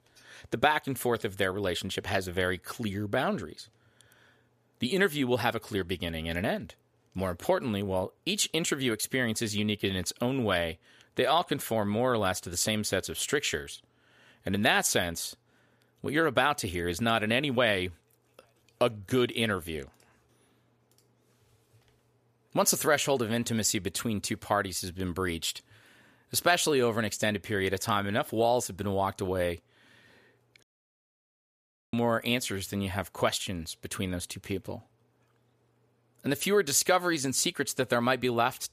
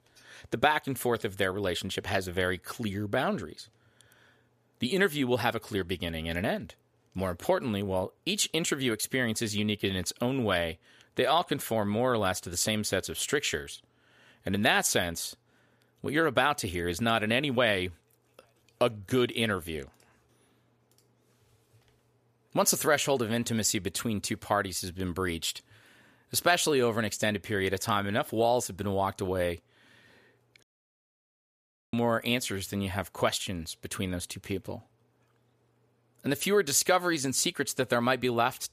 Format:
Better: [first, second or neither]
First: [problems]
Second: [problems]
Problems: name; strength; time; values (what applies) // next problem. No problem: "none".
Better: neither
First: audio cutting out; at 31 s for 1.5 s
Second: audio cutting out; at 31 s for 1.5 s